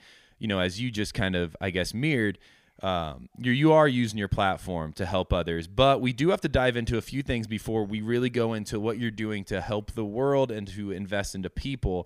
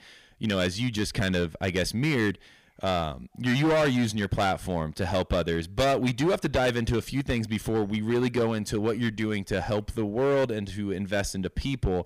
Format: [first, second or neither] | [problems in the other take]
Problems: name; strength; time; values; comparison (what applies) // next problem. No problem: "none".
first | distortion; heavy; 10% of the sound clipped